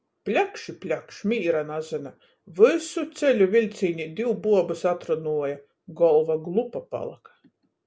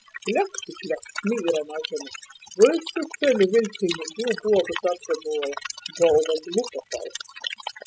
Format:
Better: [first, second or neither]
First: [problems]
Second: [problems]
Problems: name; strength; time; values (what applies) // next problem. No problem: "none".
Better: first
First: none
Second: noise reduction (classical method spectral subtraction)